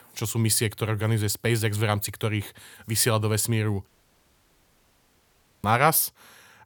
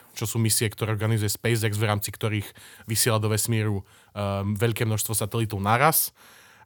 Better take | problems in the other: second | audio cutting out; at 4 s for 2 s

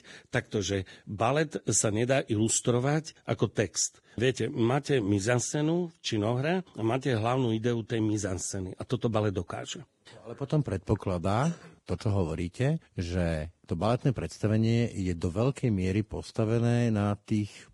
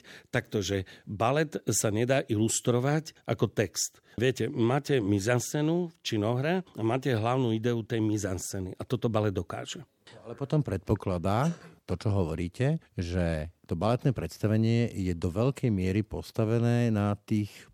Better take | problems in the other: second | garbled, watery; badly

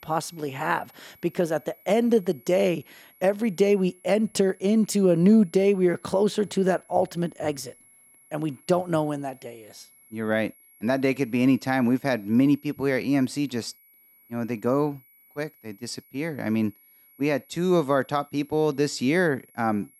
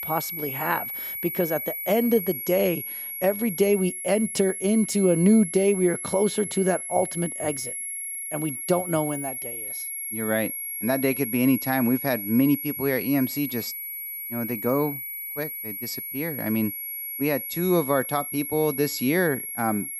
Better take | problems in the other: first | high-pitched whine; loud; throughout; 11.5 kHz, 6 dB below the speech; faint in the first

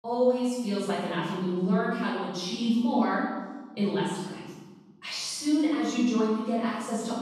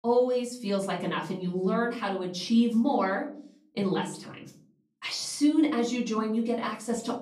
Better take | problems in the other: second | room echo; strong; dies away in 1.1 s; slight in the second // off-mic speech; far; far in the second

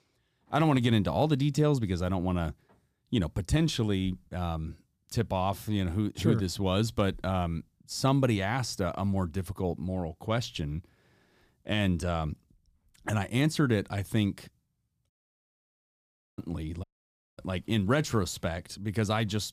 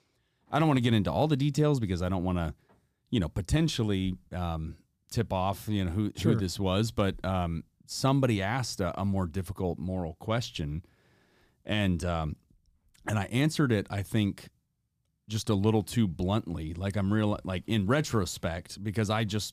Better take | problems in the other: second | audio cutting out; at 15 s for 1.5 s and at 17 s for 0.5 s

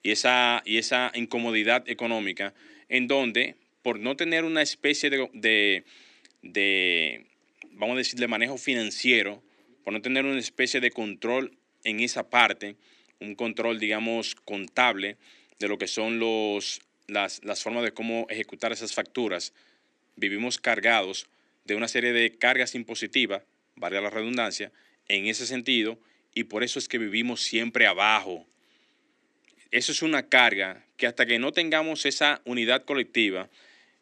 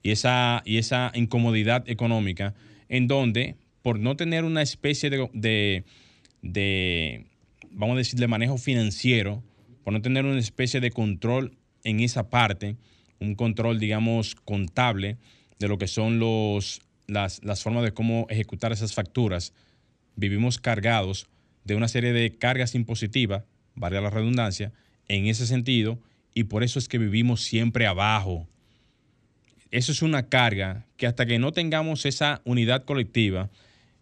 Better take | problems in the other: second | thin; somewhat; fading below 300 Hz

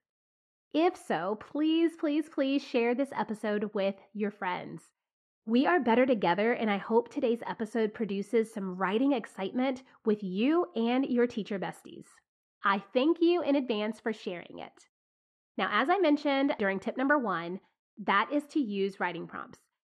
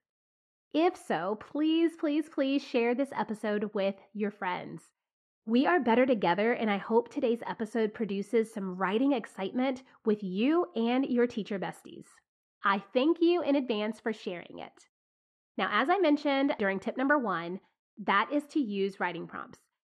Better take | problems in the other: neither | muffled; very; fading above 2 kHz; the same in both

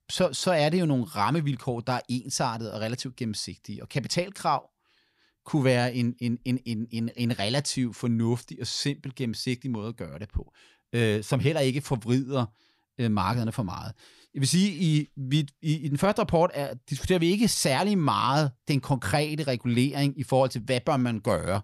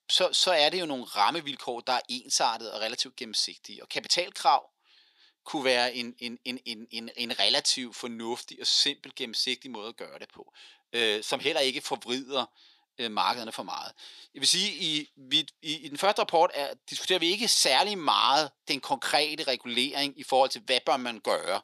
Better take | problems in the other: first | thin; very; fading below 350 Hz

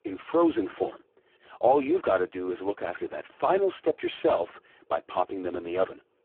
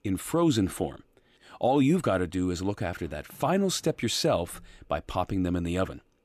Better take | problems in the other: second | phone-call audio; poor line

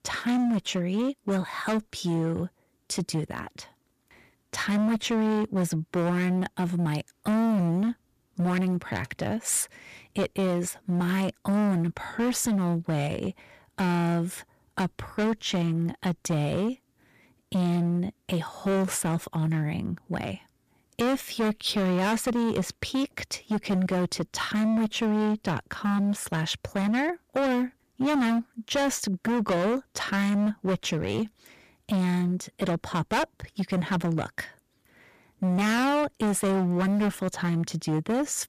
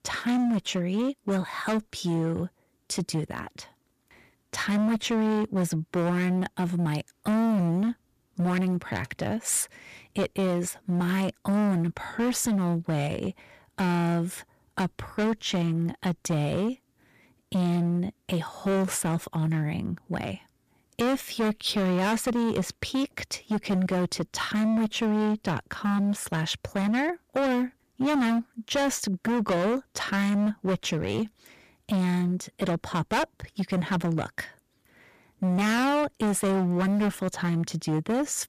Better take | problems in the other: neither | distortion; heavy; 19% of the sound clipped; the same in both

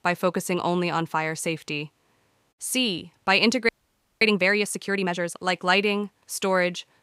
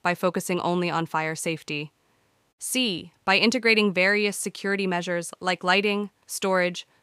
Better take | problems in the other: second | audio freezing; at 3.5 s for 0.5 s

